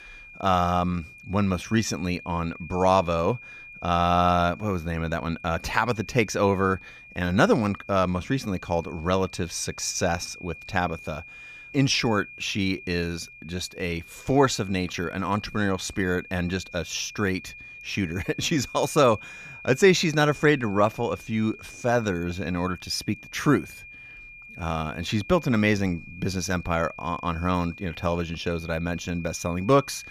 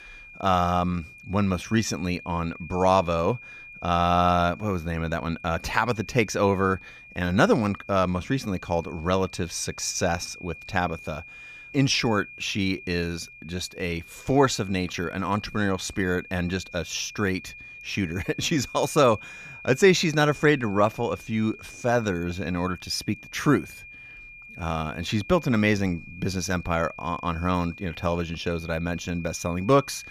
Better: neither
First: high-pitched whine; noticeable; throughout; 2.5 kHz, 15 dB below the speech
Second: high-pitched whine; noticeable; throughout; 2.5 kHz, 15 dB below the speech

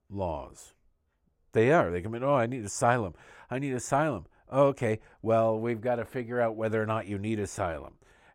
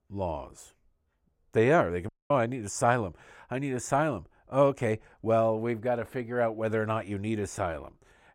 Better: first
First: none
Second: audio cutting out; at 2 s

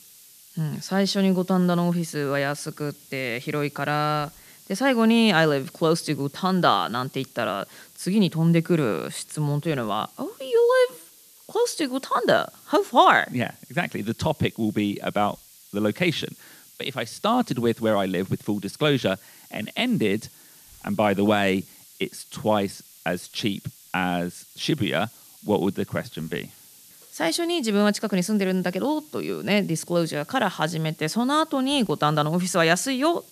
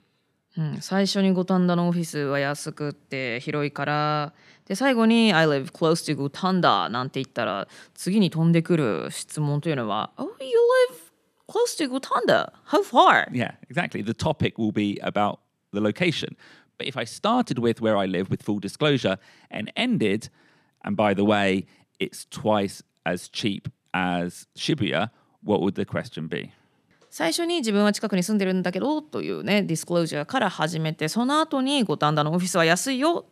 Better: second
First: hiss; faint; throughout; 25 dB below the speech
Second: none

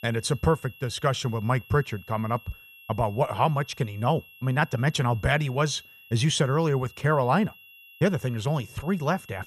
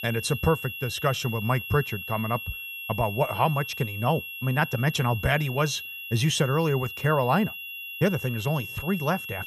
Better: first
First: high-pitched whine; faint; throughout; 2.5 kHz, 20 dB below the speech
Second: high-pitched whine; loud; throughout; 2.5 kHz, 8 dB below the speech

